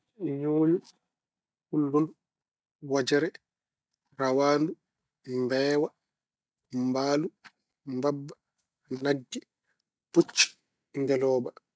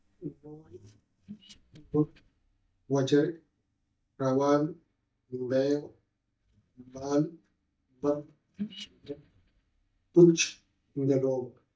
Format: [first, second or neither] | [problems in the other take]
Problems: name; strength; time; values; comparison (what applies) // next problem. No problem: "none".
first | noise reduction (neural mask model DeepFilterNet 3)